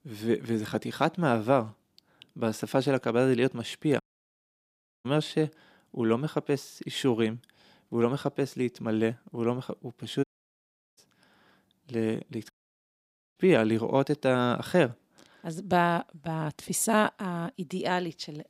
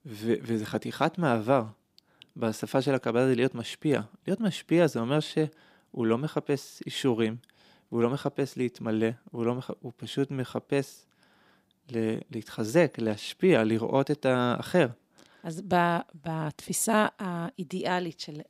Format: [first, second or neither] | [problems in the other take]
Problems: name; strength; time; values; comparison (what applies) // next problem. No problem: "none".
second | audio cutting out; at 4 s for 1 s, at 10 s for 0.5 s and at 13 s for 1 s